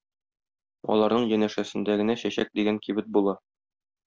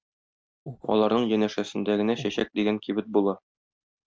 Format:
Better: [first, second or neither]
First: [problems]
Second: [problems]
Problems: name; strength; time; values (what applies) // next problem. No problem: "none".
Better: first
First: none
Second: noise reduction (neural mask model RNNoise)